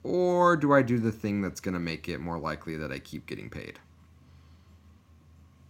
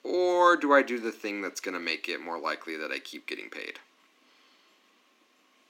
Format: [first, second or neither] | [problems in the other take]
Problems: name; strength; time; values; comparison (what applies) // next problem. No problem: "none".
first | thin; somewhat; fading below 300 Hz